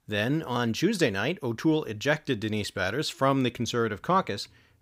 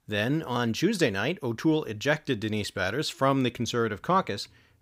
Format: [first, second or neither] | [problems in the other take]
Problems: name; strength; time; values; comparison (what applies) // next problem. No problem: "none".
neither | none